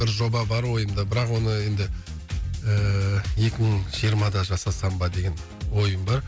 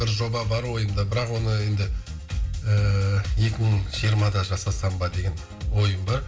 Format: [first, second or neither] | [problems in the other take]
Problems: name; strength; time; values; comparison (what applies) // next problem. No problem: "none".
first | room echo; dies away in 0.4 s